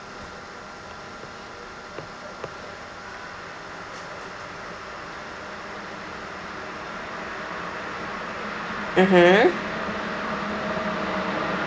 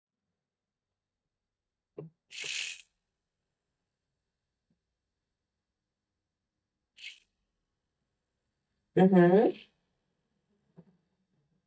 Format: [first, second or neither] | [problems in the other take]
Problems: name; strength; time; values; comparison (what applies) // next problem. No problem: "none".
first | noise reduction (neural mask model DeepFilterNet 3)